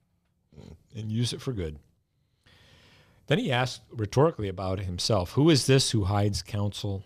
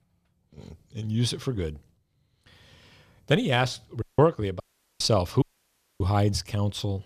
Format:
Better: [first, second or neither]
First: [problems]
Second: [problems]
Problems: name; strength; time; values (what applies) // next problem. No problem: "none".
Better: first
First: none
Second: audio cutting out; at 4 s, at 4.5 s and at 5.5 s for 0.5 s